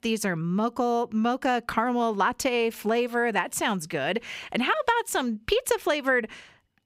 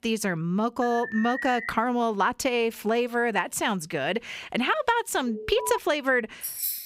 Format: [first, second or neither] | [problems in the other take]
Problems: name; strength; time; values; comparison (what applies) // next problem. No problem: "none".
first | alarm; noticeable; at 1 s and at 5.5 s; peak 7 dB below the speech // jangling keys; noticeable; at 6.5 s; peak 2 dB below the speech